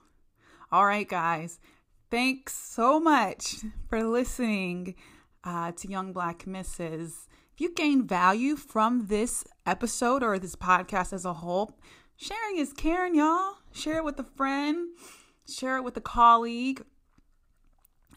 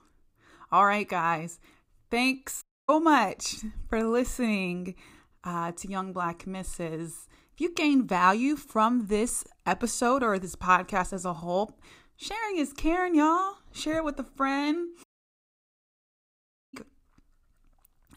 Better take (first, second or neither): first